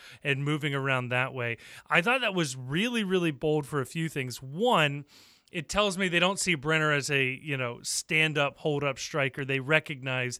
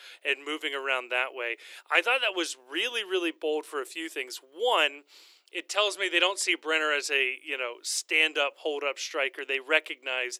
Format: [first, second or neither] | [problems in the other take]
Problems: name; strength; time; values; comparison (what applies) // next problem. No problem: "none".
first | thin; very; fading below 350 Hz